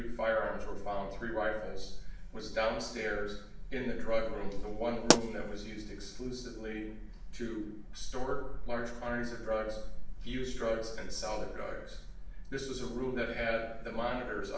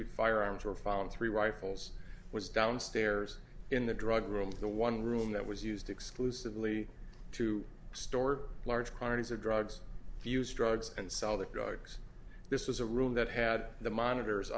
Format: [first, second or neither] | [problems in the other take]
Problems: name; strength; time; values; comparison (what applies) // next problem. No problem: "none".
second | background sound (Explosion); as loud as the speech // room echo; dies away in 0.6 s